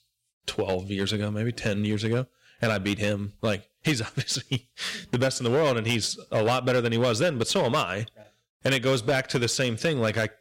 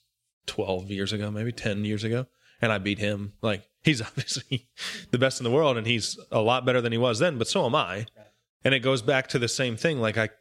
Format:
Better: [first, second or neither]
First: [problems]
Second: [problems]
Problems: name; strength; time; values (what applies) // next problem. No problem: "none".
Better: second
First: distortion; slight; 7% of the sound clipped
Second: none